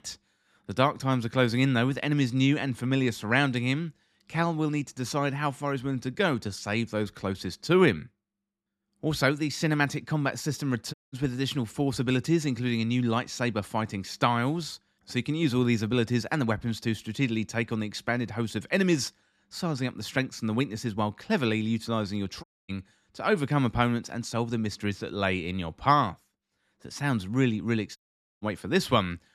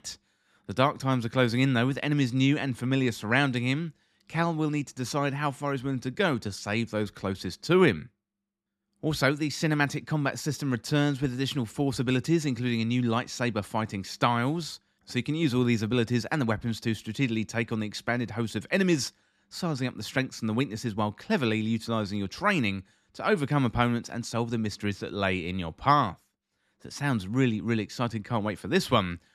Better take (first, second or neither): second